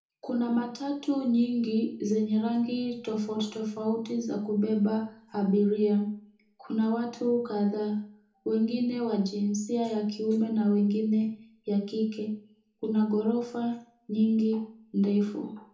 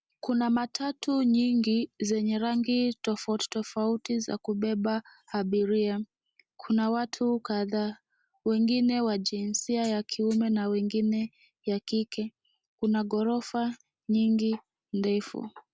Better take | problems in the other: second | room echo; dies away in 0.8 s

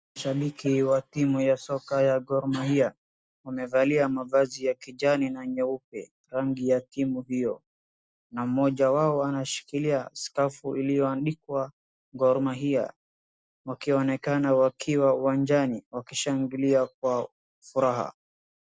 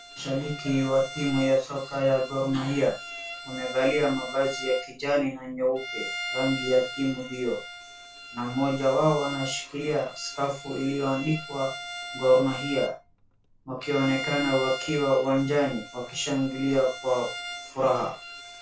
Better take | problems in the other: first | background sound (Bowed string instrument); 11 dB below the speech // room echo; dies away in 0.2 s

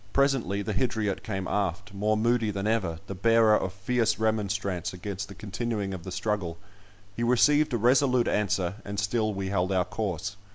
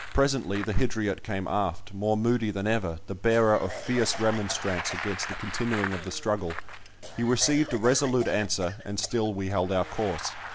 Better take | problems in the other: first | background sound (Bicycle + Cough); 13 dB below the speech

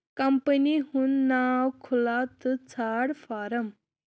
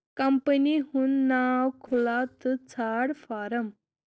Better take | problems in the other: first | noise reduction (neural separator model SepFormer DNS4)

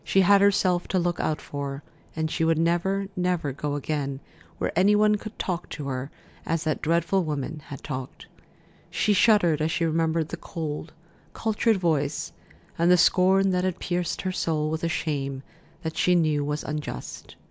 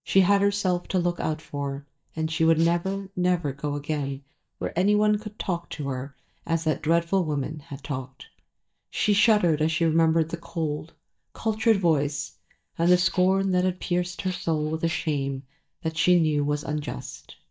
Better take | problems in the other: first | noise reduction (neural mask model DeepFilterNet 3)

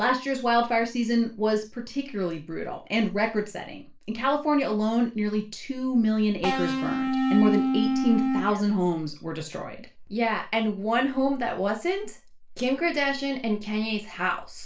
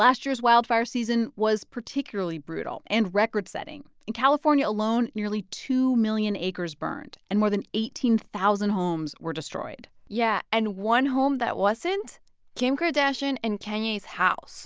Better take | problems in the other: second | background sound (Electric guitar / Bass guitar); 1 dB above the speech // room echo; dies away in 0.3 s

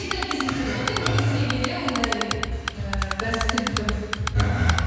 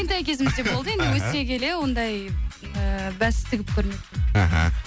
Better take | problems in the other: second | background sound (Typing); 6 dB below the speech // room echo; dies away in 1.9 s

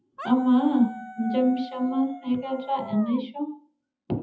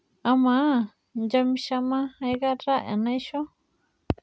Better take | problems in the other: second | noise reduction (classical method WPE with log-MMSE)

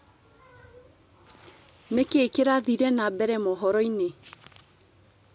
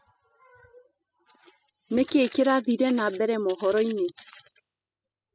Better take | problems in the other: first | noise reduction (classical method spectral subtraction)

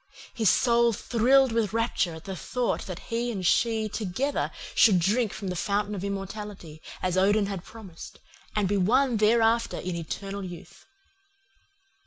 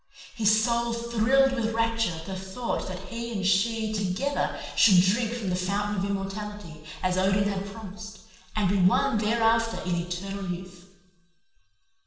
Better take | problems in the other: first | noise reduction (neural separator model SepFormer DNS4)

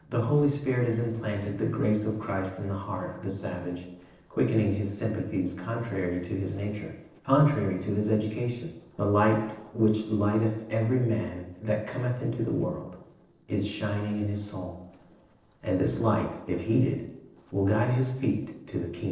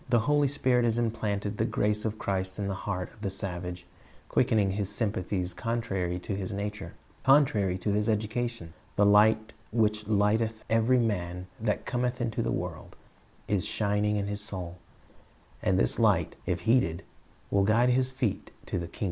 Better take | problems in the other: second | noise reduction (neural separator model SepFormer DNS4)

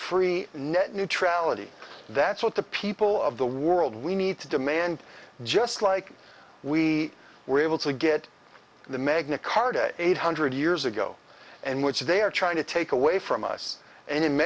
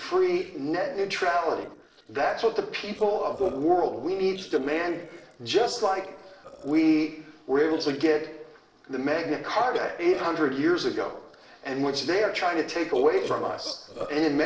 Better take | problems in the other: first | noise reduction (neural separator model SepFormer DNS4)

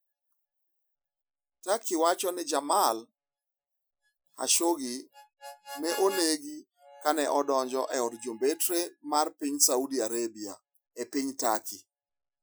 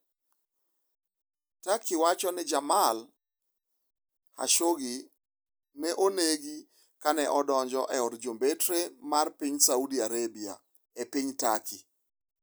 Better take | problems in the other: second | noise reduction (classical method Wiener filter)

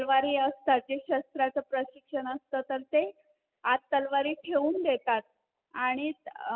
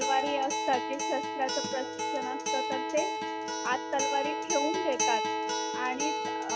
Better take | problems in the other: first | background sound (Acoustic guitar); 1 dB above the speech

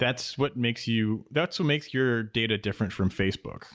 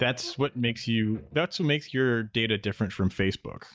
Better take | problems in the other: first | noise reduction (neural mask model DeepFilterNet 3)

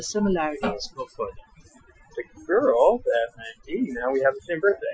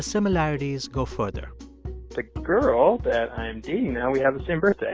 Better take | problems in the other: second | noise reduction (classical method Wiener filter)

